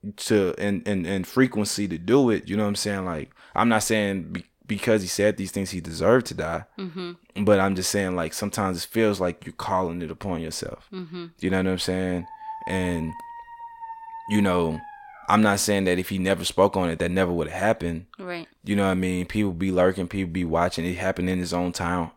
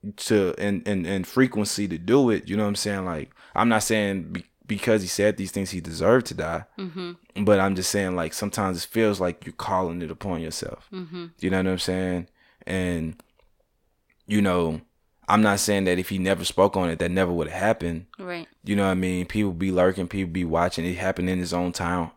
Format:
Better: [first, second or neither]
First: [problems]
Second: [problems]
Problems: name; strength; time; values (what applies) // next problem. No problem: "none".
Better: second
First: dog barking; faint; from 12 to 16 s; peak 10 dB below the speech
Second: none